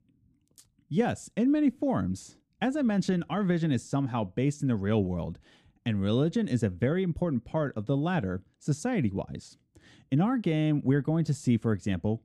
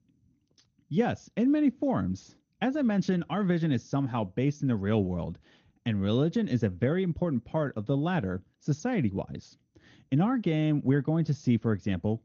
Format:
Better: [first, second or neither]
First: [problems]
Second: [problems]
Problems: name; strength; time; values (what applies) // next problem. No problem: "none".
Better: first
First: none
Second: garbled, watery; slightly; nothing above 6.5 kHz